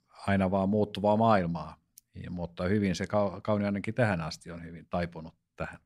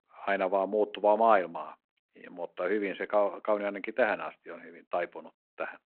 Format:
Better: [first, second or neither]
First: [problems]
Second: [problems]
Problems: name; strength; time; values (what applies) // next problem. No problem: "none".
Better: first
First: none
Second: phone-call audio